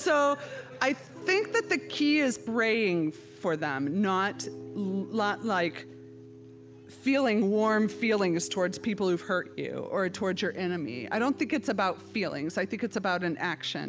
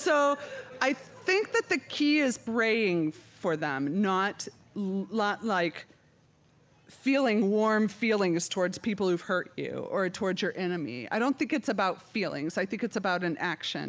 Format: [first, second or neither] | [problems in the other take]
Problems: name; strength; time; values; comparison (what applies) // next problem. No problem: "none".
second | background sound (Piano); 17 dB below the speech